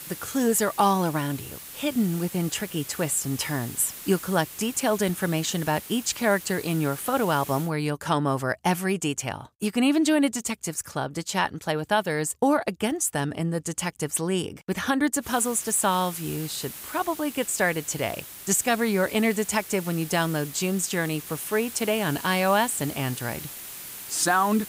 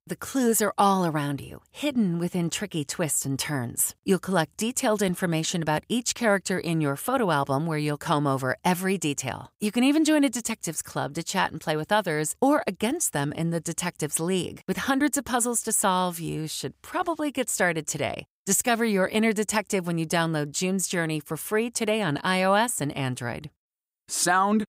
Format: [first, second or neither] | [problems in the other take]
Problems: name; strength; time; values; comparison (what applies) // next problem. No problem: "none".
second | hiss; noticeable; until 7.5 s and from 15 s on; 10 dB below the speech